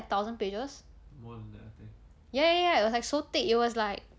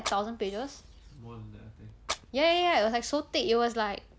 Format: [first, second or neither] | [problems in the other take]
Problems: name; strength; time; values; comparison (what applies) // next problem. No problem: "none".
first | background sound (Fire); 15 dB below the speech